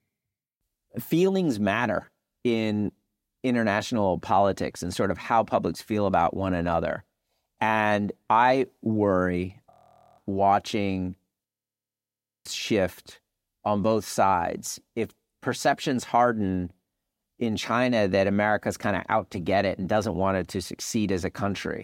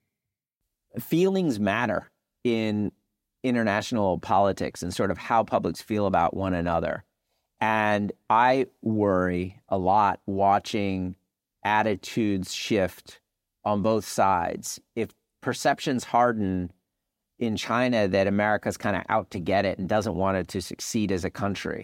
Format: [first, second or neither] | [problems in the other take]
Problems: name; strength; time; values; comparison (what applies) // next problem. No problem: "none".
second | audio freezing; at 9.5 s and at 11 s for 1 s